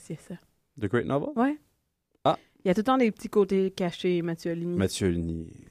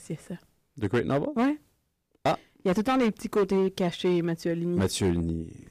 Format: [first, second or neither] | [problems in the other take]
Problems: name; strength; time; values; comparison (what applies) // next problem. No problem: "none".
first | distortion; slight; 7% of the sound clipped